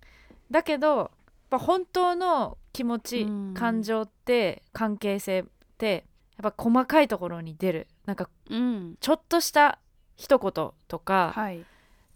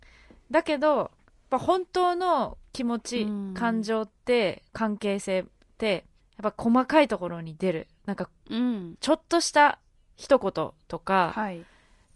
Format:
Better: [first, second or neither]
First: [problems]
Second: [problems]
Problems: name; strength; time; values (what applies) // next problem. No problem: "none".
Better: first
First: none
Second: garbled, watery; slightly; nothing above 10.5 kHz